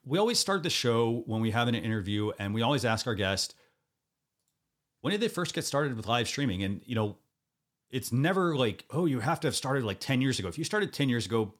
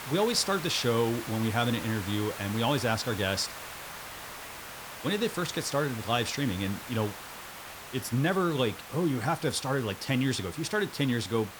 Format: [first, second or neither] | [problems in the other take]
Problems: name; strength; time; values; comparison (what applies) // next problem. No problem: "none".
first | hiss; noticeable; throughout; 10 dB below the speech